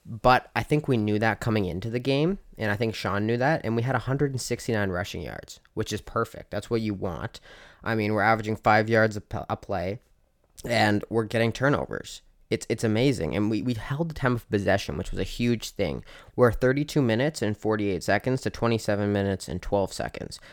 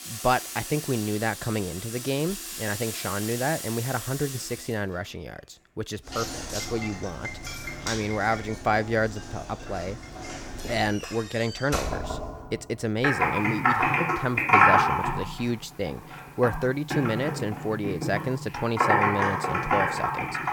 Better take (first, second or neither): first